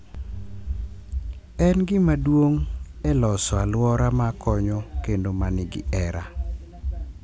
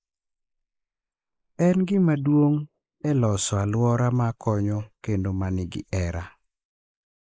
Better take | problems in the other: first | noise reduction (neural mask model Resemble Enhance denoiser)

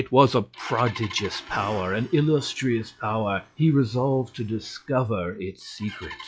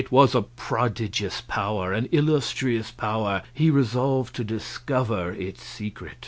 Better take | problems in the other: second | noise reduction (classical method log-MMSE)

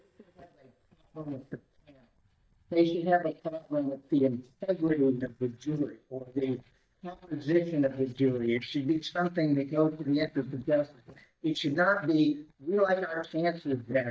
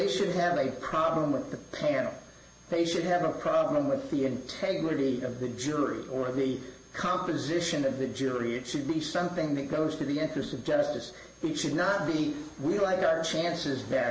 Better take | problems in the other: second | noise reduction (neural mask model DeepFilterNet 3)

